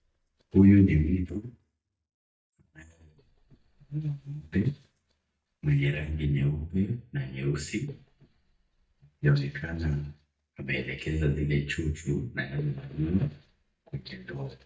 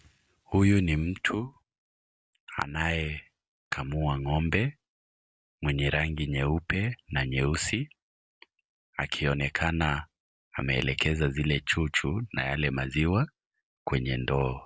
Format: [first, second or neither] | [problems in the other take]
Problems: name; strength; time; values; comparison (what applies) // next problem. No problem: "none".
second | noise reduction (neural mask model DeepFilterNet 3)